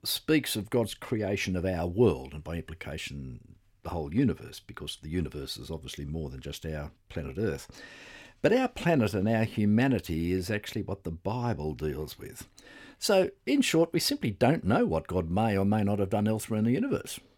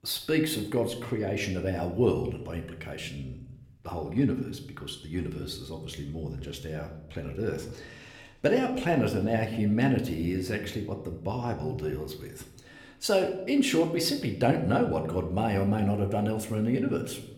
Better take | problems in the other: first | room echo; slight; dies away in 0.7 s

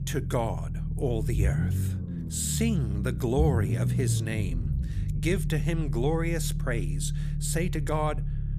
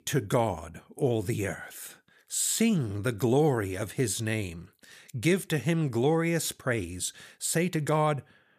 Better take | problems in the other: second | low rumble; loud; throughout; 9 dB below the speech

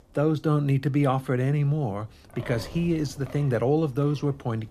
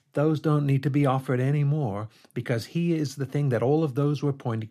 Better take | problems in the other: second | wind noise on the microphone; occasional gusts; 15 dB below the speech

